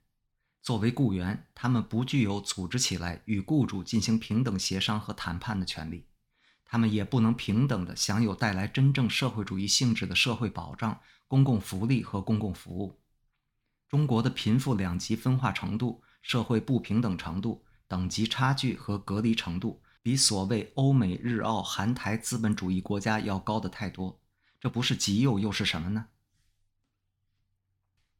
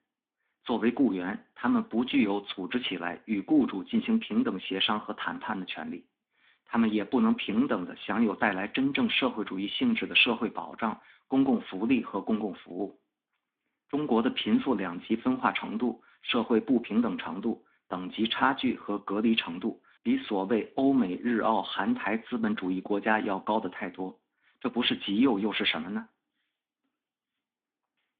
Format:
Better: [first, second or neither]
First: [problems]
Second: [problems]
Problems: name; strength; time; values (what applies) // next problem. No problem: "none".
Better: first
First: none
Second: phone-call audio; nothing above 3.5 kHz